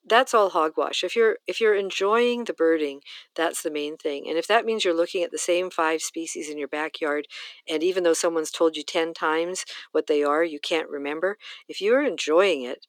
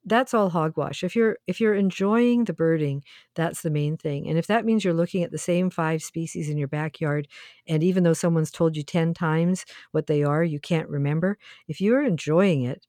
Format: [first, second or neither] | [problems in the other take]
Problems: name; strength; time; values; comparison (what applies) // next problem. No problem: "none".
second | thin; very; fading below 300 Hz